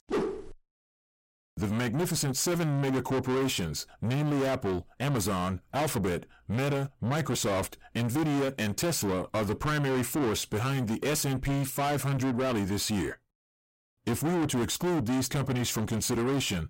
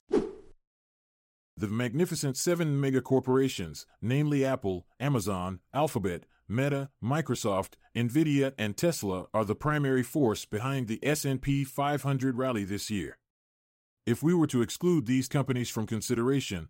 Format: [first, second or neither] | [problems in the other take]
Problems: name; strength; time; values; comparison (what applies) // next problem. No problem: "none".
second | distortion; heavy; 5 dB below the speech